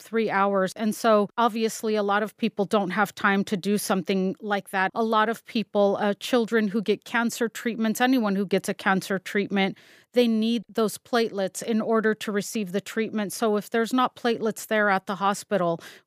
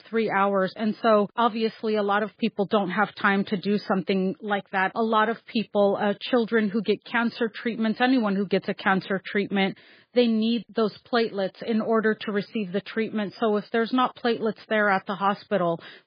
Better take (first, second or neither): first